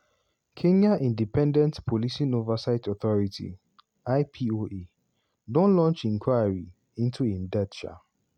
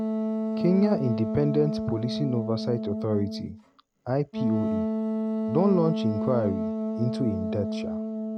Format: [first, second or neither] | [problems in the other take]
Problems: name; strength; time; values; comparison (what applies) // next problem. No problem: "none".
first | background sound (Wind instrument, woodwind instrument); 1 dB below the speech